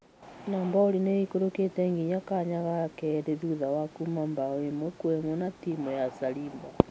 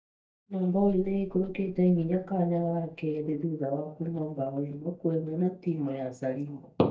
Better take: first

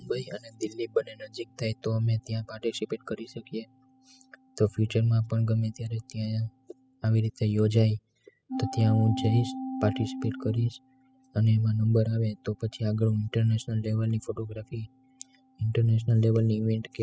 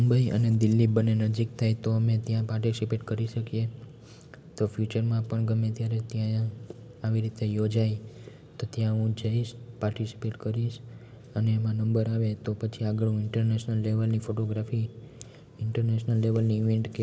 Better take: second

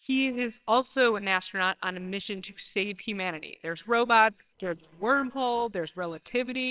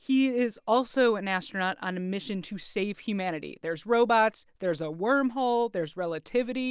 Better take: second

